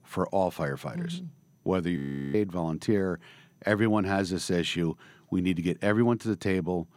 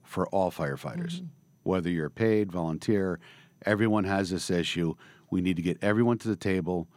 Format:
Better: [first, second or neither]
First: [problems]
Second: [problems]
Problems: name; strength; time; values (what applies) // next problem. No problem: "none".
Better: second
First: audio freezing; at 2 s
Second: none